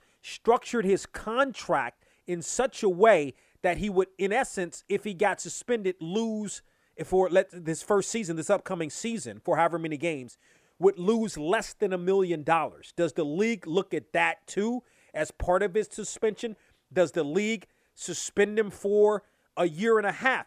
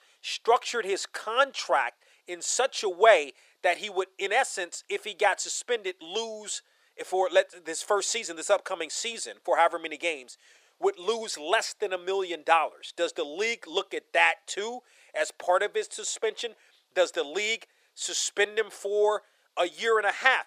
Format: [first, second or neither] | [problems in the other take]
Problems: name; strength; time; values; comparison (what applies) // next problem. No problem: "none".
first | thin; very; fading below 500 Hz